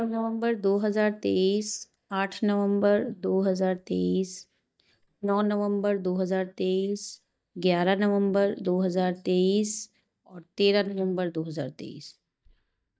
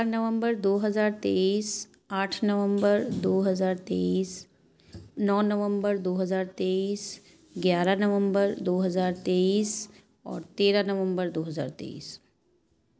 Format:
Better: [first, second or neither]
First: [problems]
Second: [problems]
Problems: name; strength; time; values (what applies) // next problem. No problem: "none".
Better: second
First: noise reduction (neural mask model DeepFilterNet 3)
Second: none